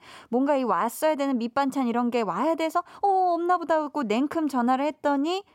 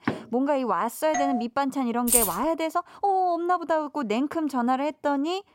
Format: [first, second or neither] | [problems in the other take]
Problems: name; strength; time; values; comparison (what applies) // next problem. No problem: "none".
first | door banging; noticeable; at the start; peak 6 dB below the speech // doorbell; noticeable; at 1 s; peak 3 dB below the speech // jangling keys; loud; at 2 s; peak 5 dB above the speech